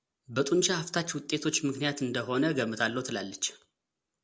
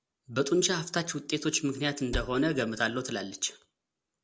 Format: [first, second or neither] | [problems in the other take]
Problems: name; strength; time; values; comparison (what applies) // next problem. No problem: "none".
first | background sound (Cupboard open or close); 7 dB below the speech